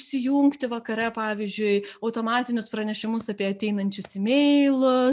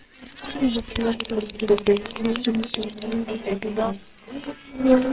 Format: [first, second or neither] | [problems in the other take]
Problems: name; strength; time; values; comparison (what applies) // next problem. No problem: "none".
first | noise reduction (neural separator model SepFormer WHAMR!)